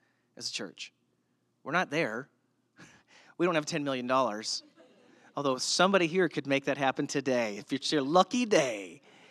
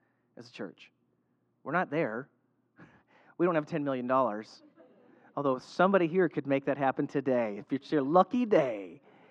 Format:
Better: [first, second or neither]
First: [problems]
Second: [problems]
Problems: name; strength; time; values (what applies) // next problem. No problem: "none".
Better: first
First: none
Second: muffled; very; fading above 3 kHz